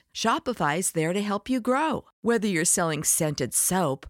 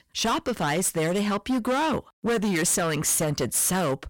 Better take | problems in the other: first | distortion; heavy; 22% of the sound clipped

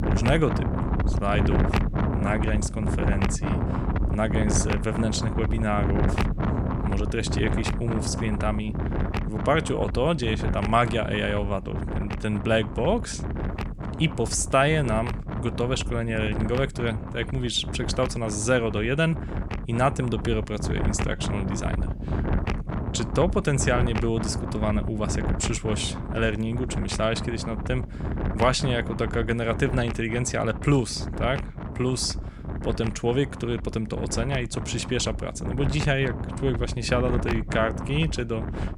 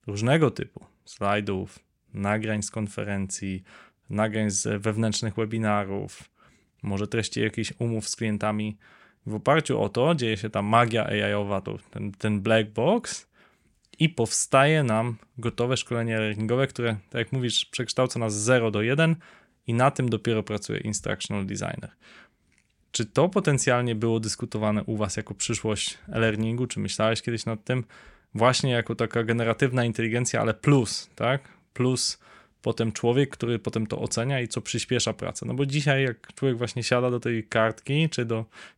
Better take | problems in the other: second | wind noise on the microphone; heavy; 8 dB below the speech

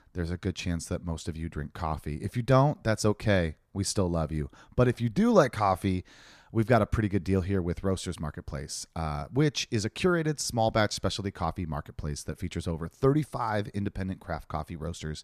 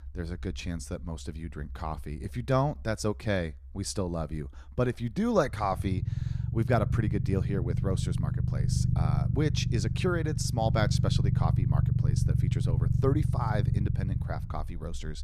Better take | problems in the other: first | low rumble; loud; throughout; 7 dB below the speech

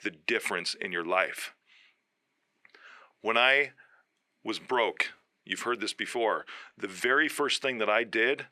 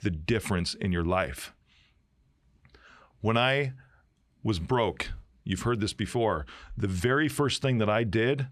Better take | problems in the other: second | thin; very; fading below 350 Hz

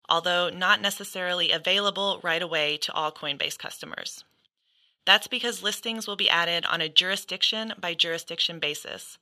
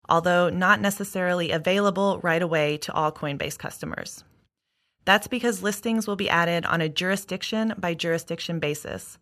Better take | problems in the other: second | thin; somewhat; fading below 550 Hz

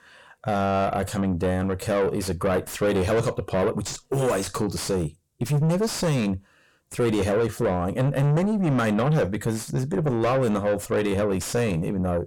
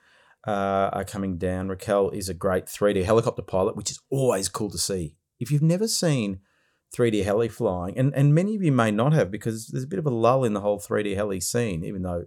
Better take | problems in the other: second | distortion; heavy; 5 dB below the speech

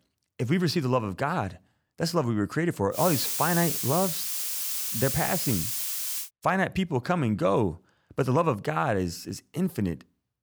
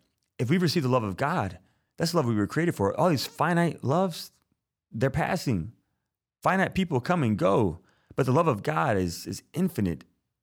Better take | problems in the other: second | hiss; loud; from 3 to 6 s; as loud as the speech

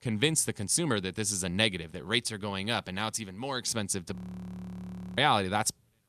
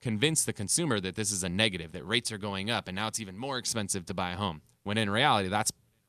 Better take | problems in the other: second | audio freezing; at 4 s for 1 s

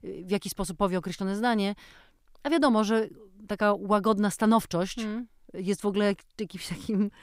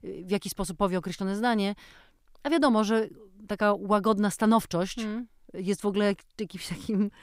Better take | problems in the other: neither | none

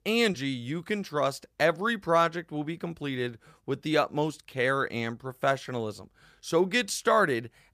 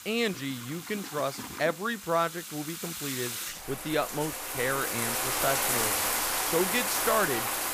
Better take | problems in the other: first | household noises; very loud; throughout; 2 dB above the speech

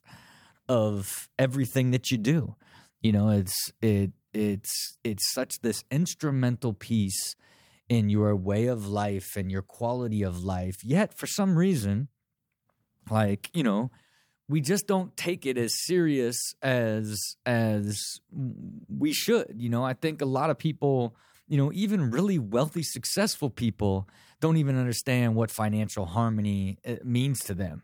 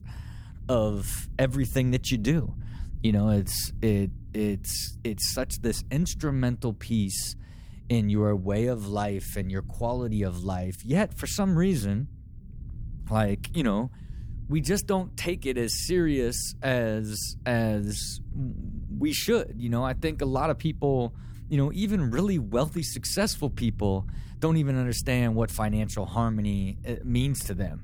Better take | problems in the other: first | low rumble; faint; throughout; 25 dB below the speech

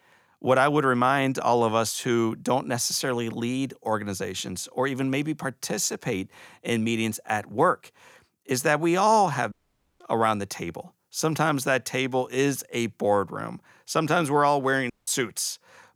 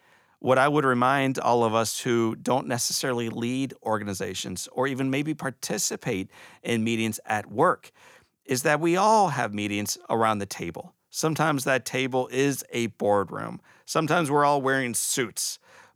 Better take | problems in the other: second | audio cutting out; at 9.5 s and at 15 s

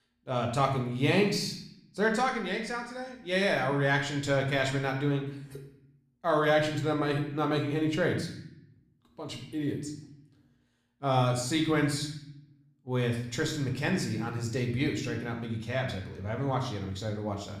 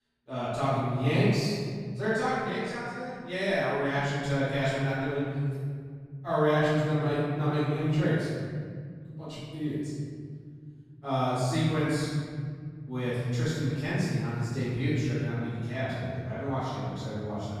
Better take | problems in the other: first | room echo; strong; dies away in 2.7 s; slight in the first // off-mic speech; far; somewhat distant in the first

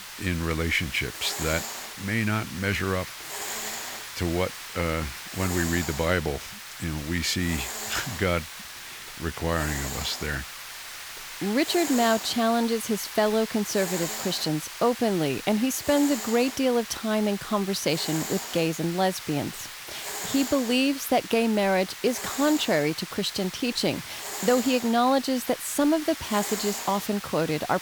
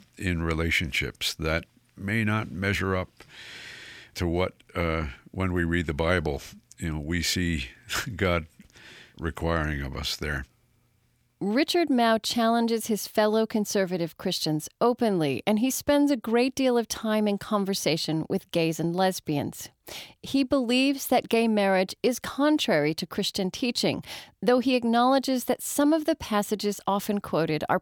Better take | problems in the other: second | hiss; loud; throughout; 8 dB below the speech

